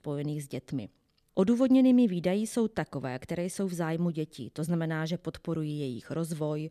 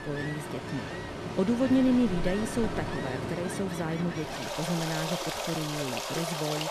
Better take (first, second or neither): first